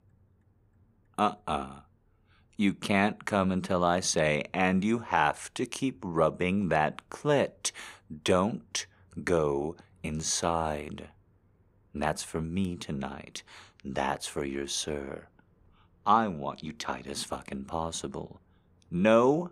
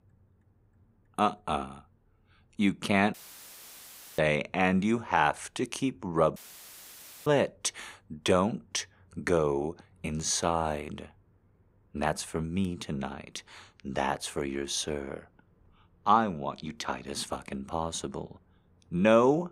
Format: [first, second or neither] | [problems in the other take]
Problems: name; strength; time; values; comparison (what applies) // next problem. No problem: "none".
first | audio cutting out; filled with static; at 3 s for 1 s and at 6.5 s for 1 s